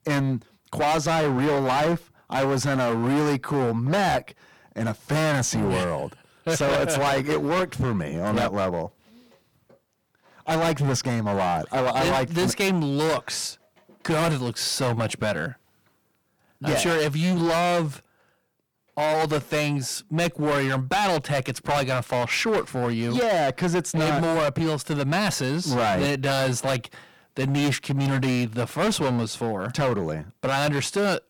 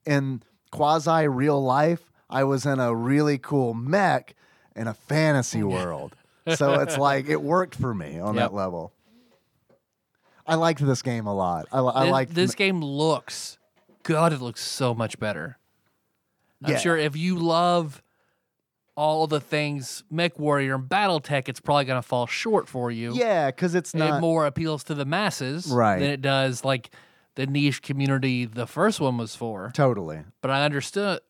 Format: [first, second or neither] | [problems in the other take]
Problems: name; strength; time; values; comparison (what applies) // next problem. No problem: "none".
second | distortion; heavy; 20% of the sound clipped